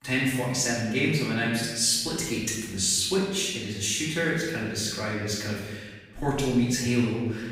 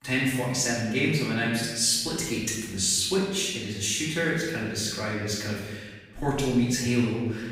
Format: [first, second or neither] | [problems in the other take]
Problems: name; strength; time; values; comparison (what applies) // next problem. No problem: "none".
neither | room echo; noticeable; dies away in 1.2 s; the same in both // off-mic speech; far; the same in both